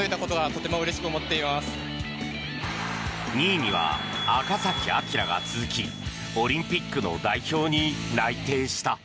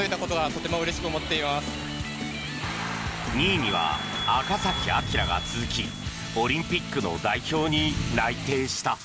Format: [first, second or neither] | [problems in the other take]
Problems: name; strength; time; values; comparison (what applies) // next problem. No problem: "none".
first | background sound (Wind / Rain); 11 dB below the speech